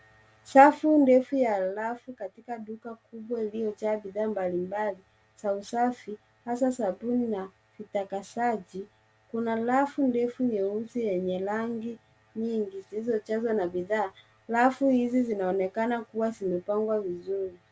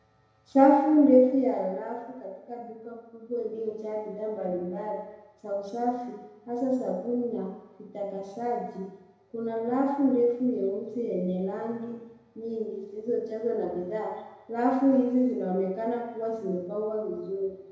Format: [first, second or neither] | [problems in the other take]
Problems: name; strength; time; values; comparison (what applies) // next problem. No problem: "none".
first | room echo; dies away in 1 s